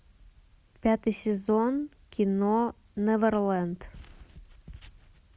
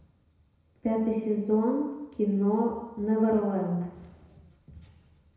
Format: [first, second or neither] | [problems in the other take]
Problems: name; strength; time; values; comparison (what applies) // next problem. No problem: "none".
first | room echo; dies away in 1 s